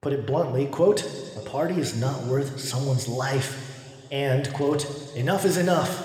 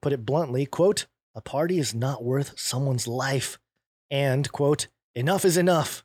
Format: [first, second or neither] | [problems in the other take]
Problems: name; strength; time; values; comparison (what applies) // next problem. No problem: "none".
second | room echo; slight; dies away in 2.2 s